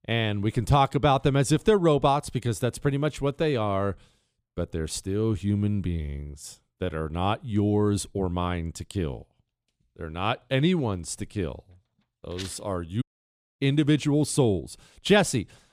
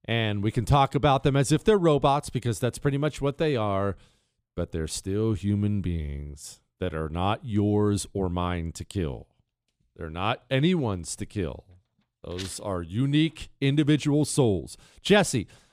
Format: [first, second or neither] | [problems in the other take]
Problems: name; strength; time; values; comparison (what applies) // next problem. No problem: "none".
second | audio cutting out; at 13 s for 0.5 s